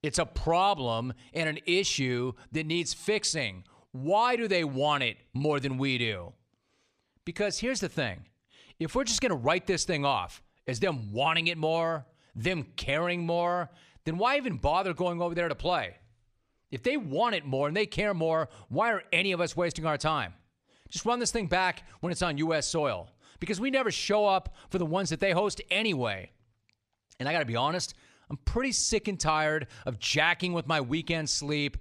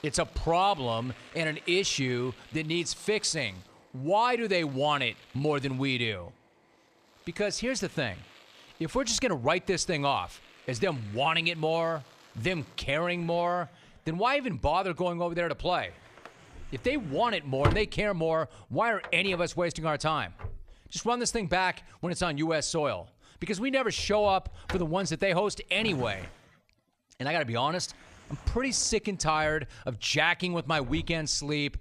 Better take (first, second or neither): first